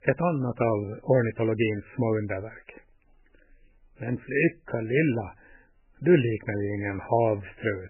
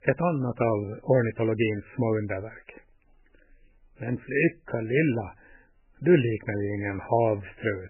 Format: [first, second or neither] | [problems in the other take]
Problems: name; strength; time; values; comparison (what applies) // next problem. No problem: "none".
neither | garbled, watery; badly; nothing above 3 kHz; the same in both